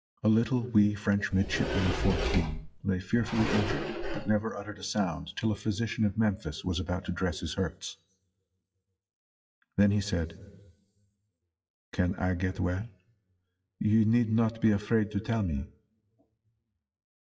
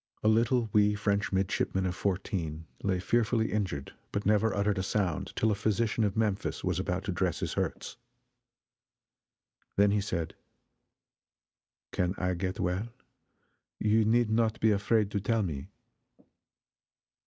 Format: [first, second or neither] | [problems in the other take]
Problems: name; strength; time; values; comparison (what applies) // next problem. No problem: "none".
second | noise reduction (classical method WPE with log-MMSE)